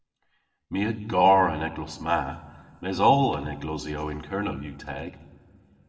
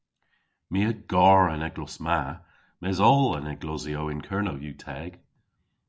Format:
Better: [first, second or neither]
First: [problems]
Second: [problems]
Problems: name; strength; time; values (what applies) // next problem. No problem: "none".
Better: second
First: room echo; dies away in 1.5 s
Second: none